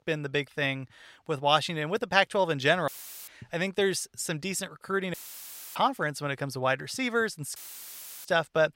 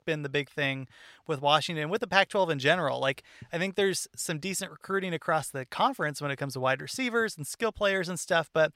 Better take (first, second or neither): second